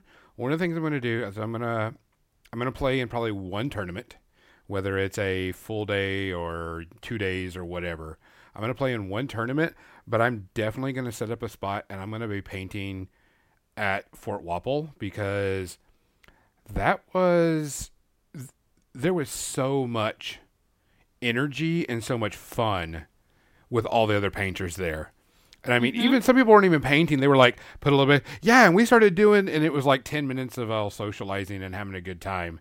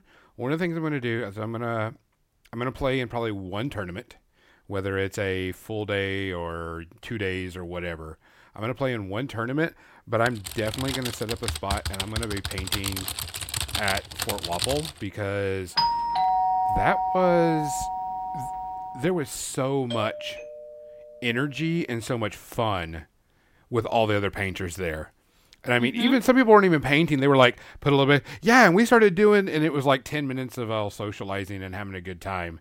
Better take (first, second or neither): first